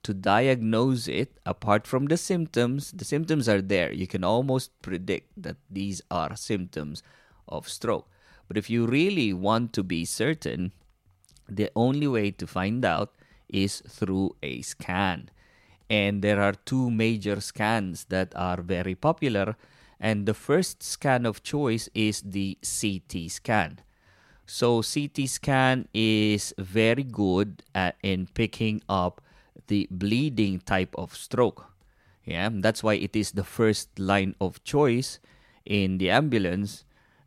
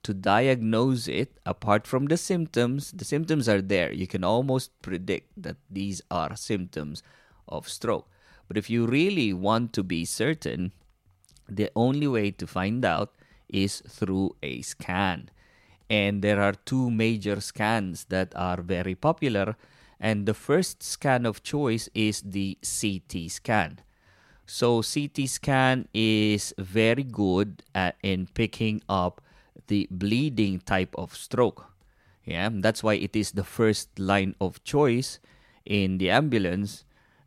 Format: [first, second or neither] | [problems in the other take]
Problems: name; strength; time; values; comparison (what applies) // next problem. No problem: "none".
neither | none